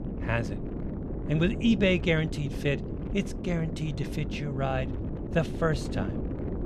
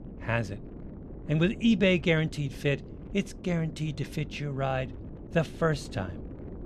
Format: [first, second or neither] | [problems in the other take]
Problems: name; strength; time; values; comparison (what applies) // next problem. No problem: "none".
second | wind noise on the microphone; heavy; 9 dB below the speech; occasional gusts in the second